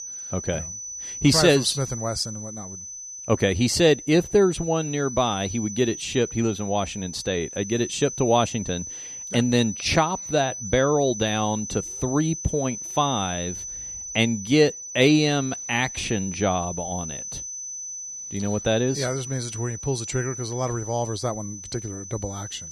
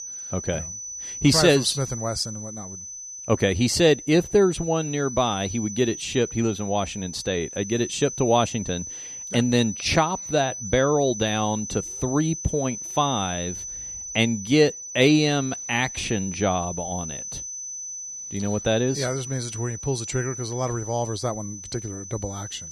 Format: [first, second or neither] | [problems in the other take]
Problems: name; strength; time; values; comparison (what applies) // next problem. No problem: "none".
neither | high-pitched whine; loud; throughout; 6 kHz, 9 dB below the speech; the same in both